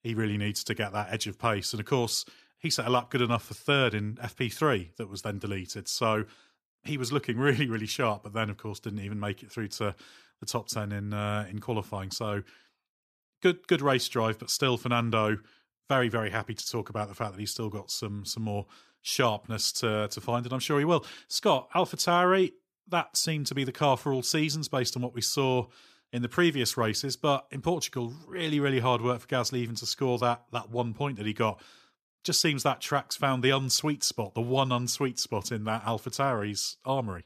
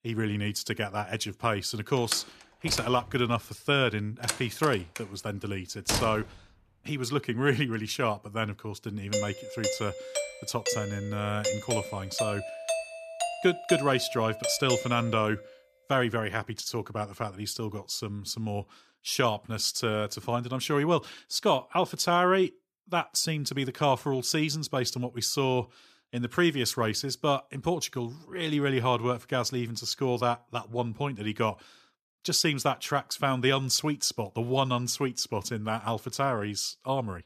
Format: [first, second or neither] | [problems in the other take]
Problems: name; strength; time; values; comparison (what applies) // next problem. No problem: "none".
first | door banging; noticeable; from 2 to 6 s; peak 1 dB below the speech // doorbell; noticeable; from 9 to 15 s; peak 1 dB below the speech